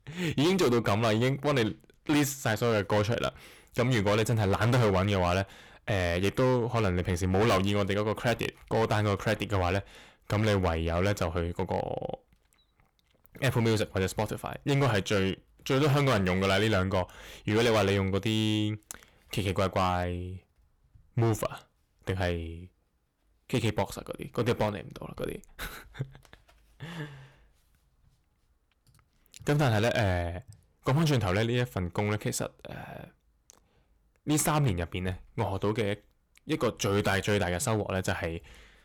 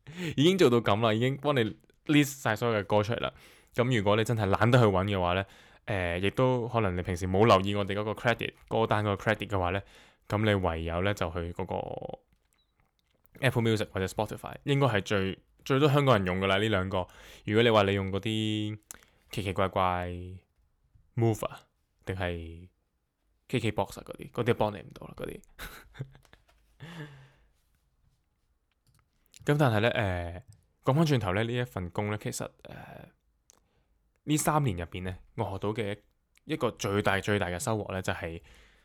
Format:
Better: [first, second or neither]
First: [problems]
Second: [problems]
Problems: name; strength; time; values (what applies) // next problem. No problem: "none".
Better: second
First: distortion; heavy; 9% of the sound clipped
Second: none